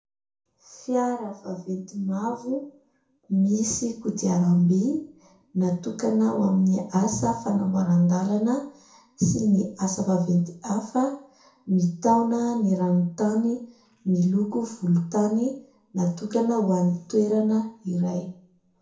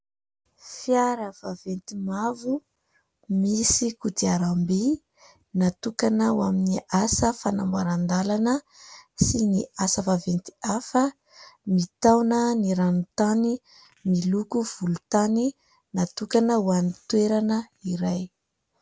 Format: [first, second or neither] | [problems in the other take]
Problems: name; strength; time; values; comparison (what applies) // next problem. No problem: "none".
second | room echo; dies away in 0.6 s